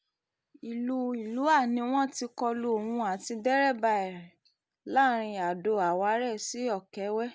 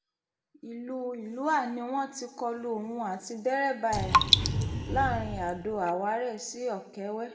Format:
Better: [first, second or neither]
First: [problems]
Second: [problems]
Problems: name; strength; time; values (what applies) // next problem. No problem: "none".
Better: first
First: none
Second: background sound (Raindrop); 4 dB above the speech // room echo; dies away in 0.7 s